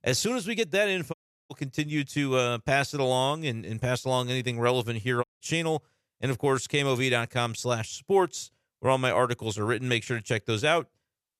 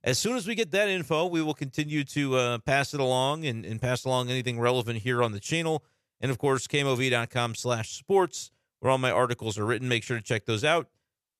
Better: second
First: audio cutting out; at 1 s and at 5 s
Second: none

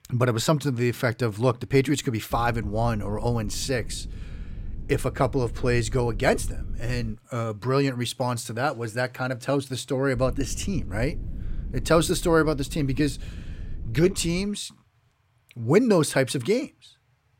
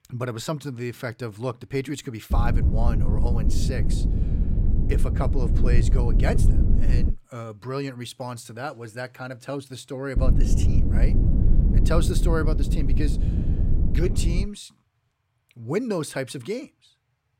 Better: first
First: low rumble; faint; from 2.5 to 7 s and from 10 to 14 s; 25 dB below the speech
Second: low rumble; loud; from 2.5 to 7 s and from 10 to 14 s; 4 dB below the speech

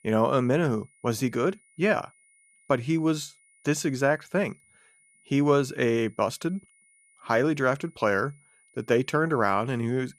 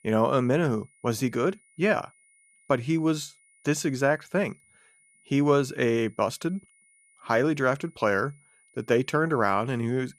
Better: neither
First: high-pitched whine; faint; throughout; 2 kHz, 35 dB below the speech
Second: high-pitched whine; faint; throughout; 2 kHz, 35 dB below the speech

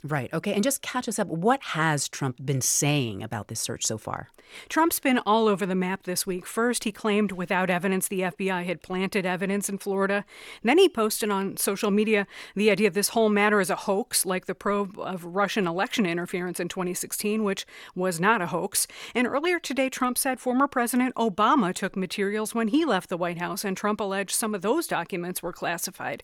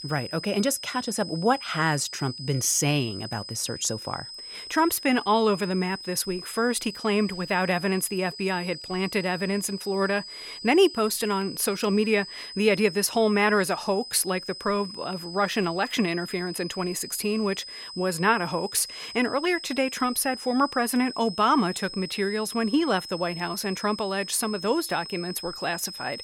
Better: first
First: none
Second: high-pitched whine; noticeable; throughout; 5 kHz, 10 dB below the speech

